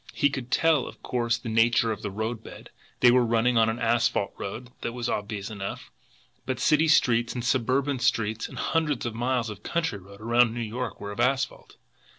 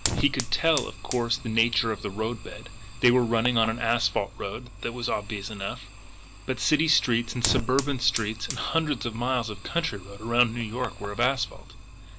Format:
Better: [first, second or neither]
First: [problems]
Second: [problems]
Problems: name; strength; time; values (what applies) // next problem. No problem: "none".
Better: first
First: none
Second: background sound (Fire); 9 dB below the speech